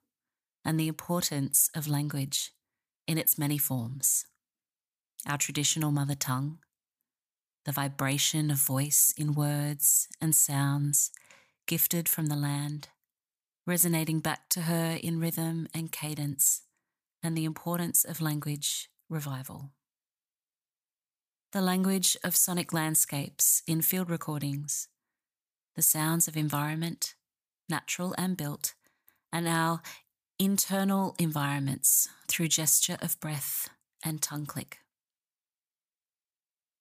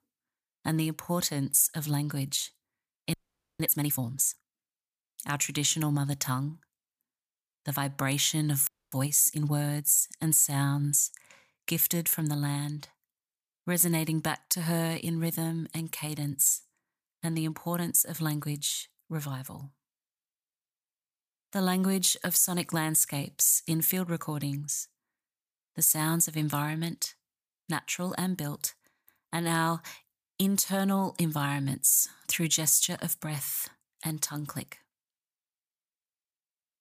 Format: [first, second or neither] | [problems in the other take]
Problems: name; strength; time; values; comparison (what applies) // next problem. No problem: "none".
first | audio freezing; at 3 s and at 8.5 s